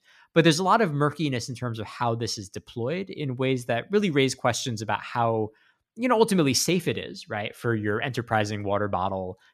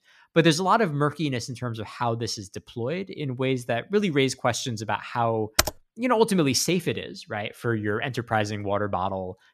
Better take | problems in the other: first | keyboard typing; loud; at 5.5 s; peak 2 dB above the speech

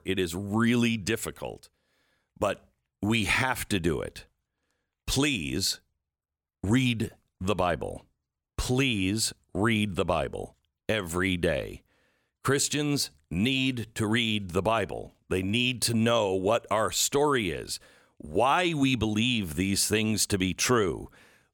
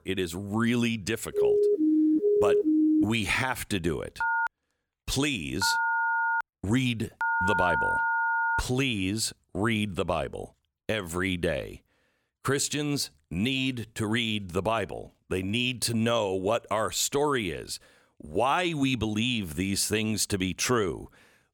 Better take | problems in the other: first | siren; loud; from 1.5 to 3 s; peak 5 dB above the speech // phone ringing; loud; from 4 to 8.5 s; peak 3 dB above the speech

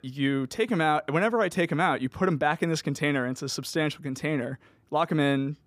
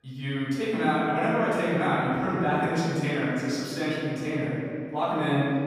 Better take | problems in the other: first | room echo; strong; dies away in 2.1 s // off-mic speech; far

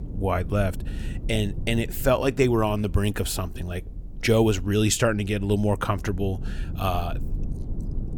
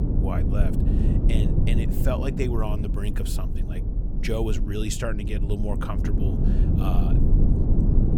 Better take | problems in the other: first | low rumble; loud; throughout; 2 dB below the speech; faint in the first

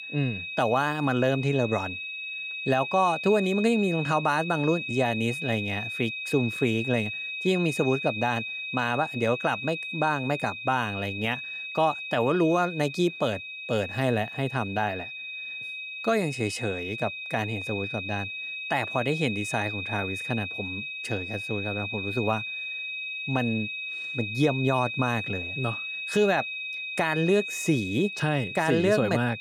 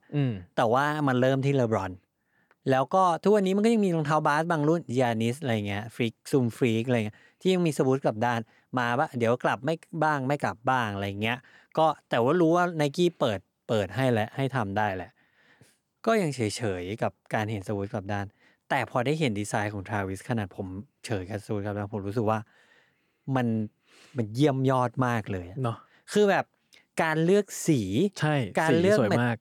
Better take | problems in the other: second | high-pitched whine; loud; throughout; 2.5 kHz, 5 dB below the speech

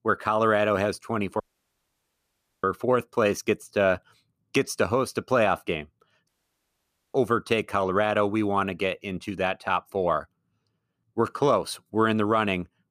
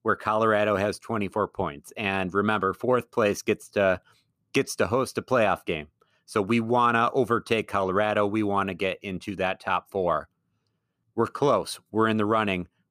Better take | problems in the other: second | audio cutting out; at 1.5 s for 1 s and at 6.5 s for 1 s

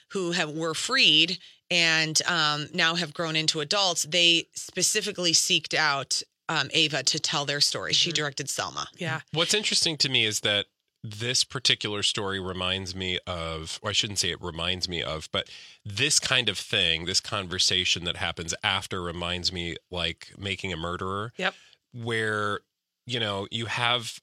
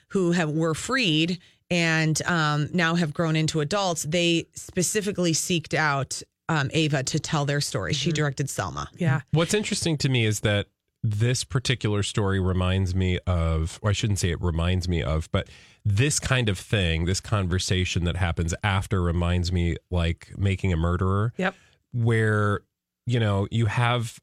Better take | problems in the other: second | thin; somewhat; fading below 900 Hz

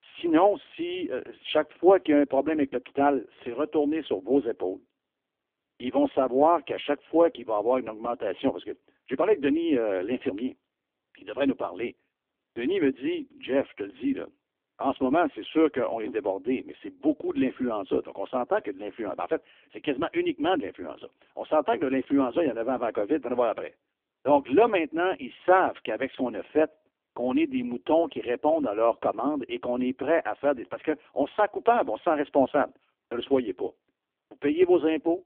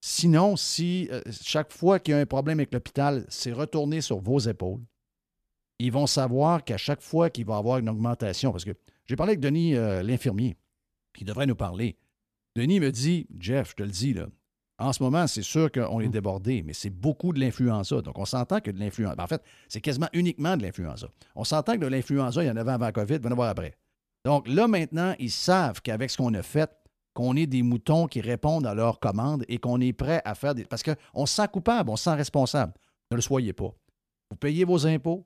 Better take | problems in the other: second | phone-call audio; poor line; nothing above 3.5 kHz

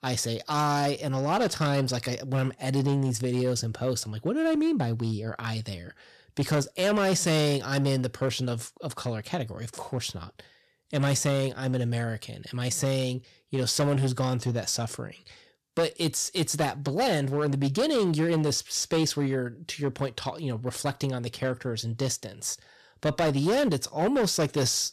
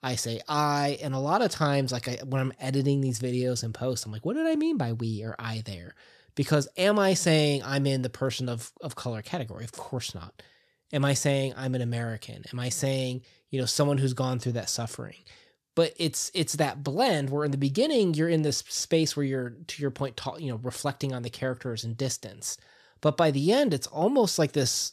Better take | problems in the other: second | distortion; slight; 8% of the sound clipped

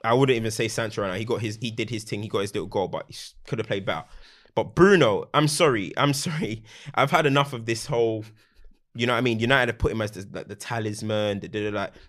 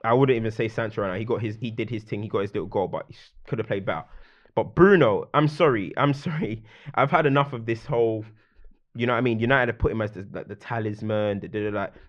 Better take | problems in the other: first | muffled; very; fading above 2 kHz

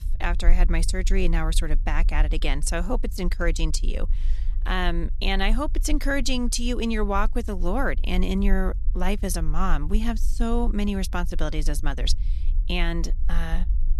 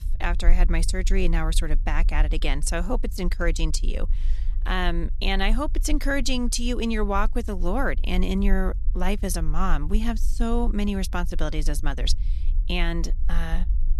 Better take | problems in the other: neither | low rumble; faint; throughout; 25 dB below the speech; the same in both

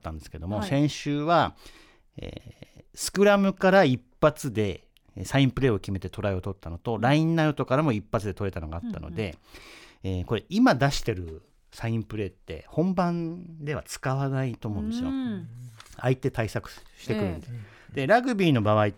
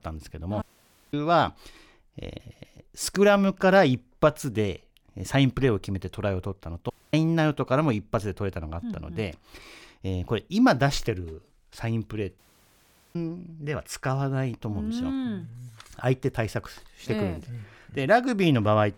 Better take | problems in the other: first | audio cutting out; at 0.5 s for 0.5 s, at 7 s and at 12 s for 1 s

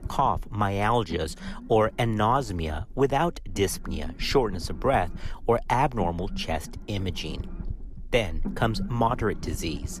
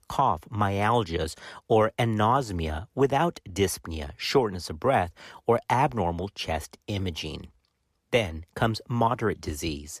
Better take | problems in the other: second | low rumble; faint; throughout; 20 dB below the speech

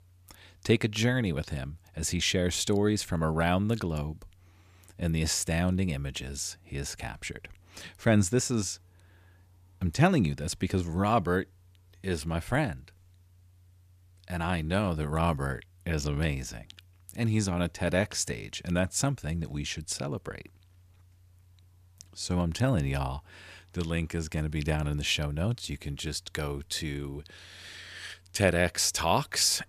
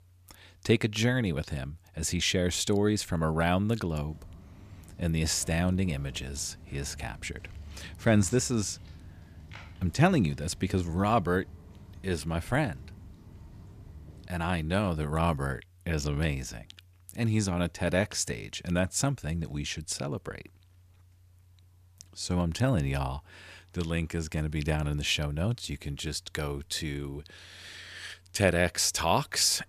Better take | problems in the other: first | footsteps; faint; from 4 to 14 s; peak 15 dB below the speech

